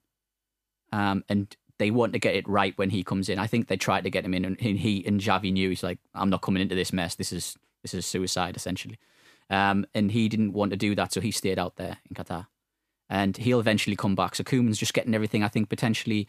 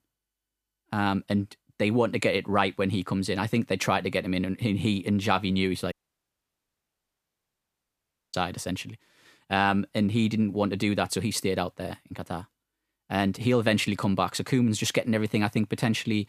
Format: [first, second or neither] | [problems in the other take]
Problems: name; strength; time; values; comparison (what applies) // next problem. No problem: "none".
first | audio cutting out; at 6 s for 2.5 s